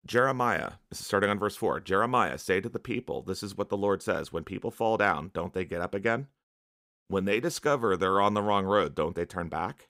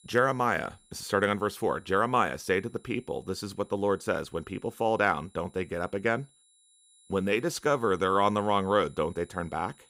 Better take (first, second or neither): first